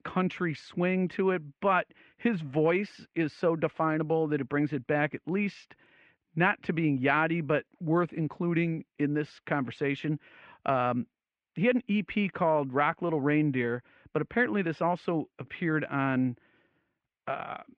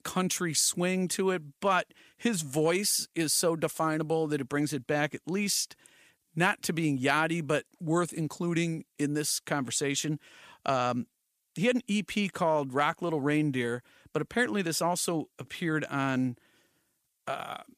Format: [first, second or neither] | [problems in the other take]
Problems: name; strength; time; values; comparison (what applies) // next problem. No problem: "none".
second | muffled; very; fading above 2.5 kHz